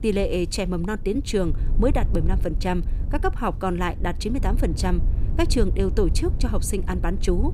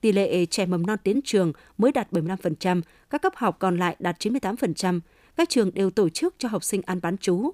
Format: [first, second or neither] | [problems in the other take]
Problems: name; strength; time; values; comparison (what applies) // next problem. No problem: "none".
second | low rumble; noticeable; throughout; 15 dB below the speech